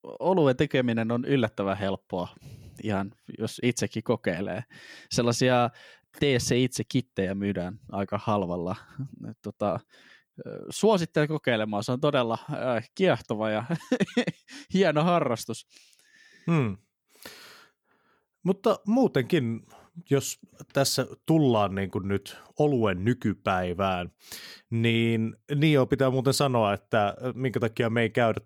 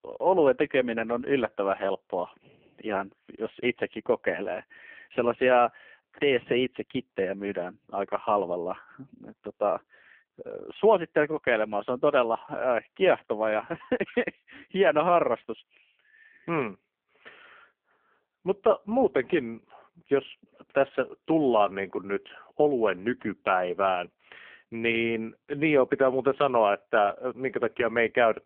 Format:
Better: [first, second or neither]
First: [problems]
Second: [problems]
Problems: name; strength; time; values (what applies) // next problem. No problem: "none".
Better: first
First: none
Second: phone-call audio; poor line; nothing above 3.5 kHz